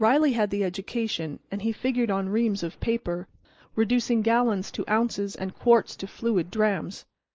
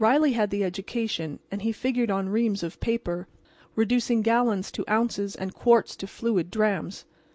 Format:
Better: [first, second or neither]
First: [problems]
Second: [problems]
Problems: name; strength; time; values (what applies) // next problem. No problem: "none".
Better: second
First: noise reduction (neural mask model Resemble Enhance denoiser)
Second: none